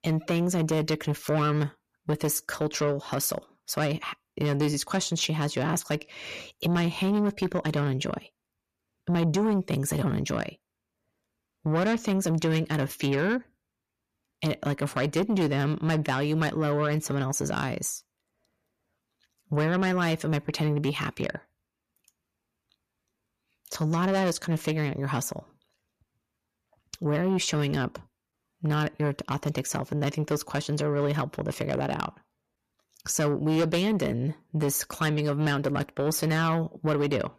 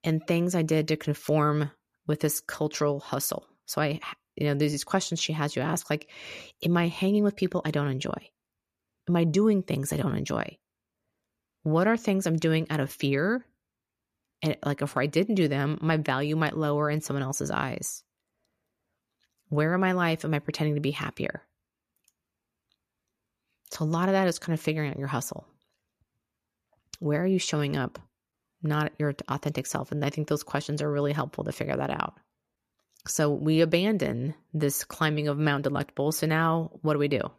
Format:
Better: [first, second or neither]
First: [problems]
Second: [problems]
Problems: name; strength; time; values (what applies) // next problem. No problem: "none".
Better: second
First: distortion; slight; 10 dB below the speech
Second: none